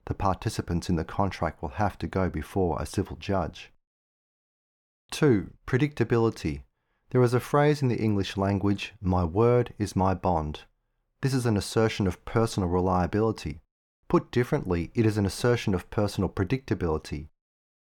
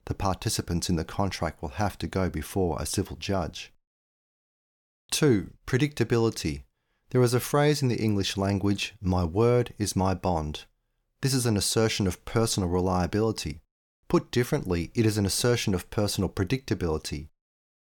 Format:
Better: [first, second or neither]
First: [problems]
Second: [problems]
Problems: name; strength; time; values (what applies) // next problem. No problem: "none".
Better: second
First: muffled; slightly; fading above 3.5 kHz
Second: none